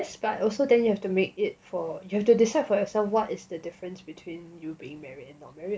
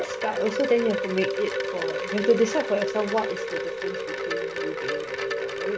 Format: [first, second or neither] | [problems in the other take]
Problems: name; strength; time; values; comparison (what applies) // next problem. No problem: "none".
first | background sound (Wind chime); 2 dB below the speech